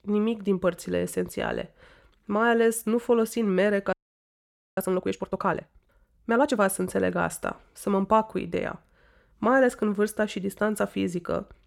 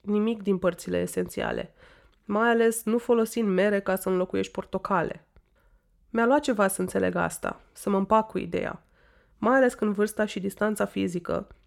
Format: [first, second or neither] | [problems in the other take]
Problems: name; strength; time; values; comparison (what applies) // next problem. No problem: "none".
second | audio freezing; at 4 s for 1 s